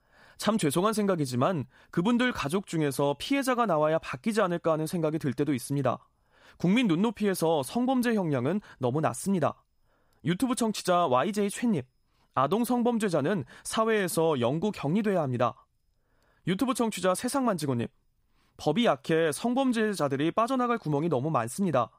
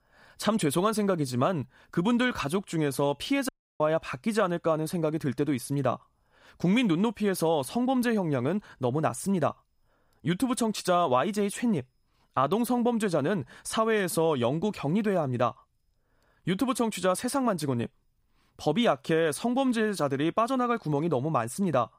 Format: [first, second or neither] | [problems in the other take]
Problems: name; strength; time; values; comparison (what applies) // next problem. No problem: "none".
first | audio cutting out; at 3.5 s